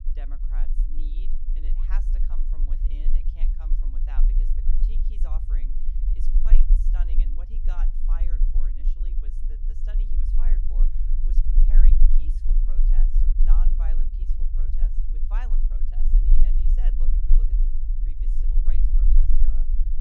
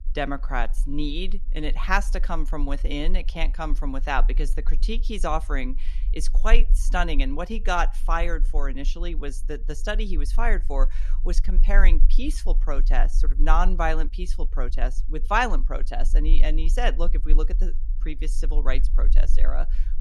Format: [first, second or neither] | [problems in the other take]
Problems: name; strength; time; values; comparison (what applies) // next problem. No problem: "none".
second | low rumble; loud; throughout; 1 dB below the speech; faint in the second